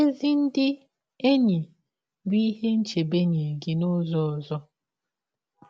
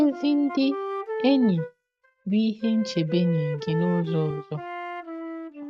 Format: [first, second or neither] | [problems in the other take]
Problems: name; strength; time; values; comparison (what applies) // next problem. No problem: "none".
first | noise reduction (neural mask model RNNoise)